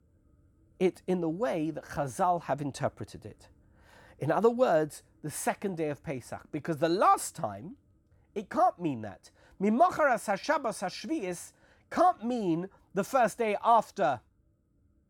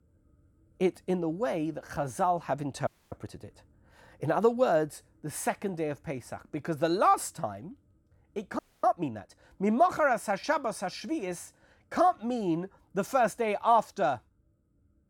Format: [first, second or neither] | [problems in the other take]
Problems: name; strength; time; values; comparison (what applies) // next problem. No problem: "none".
first | audio freezing; at 3 s and at 8.5 s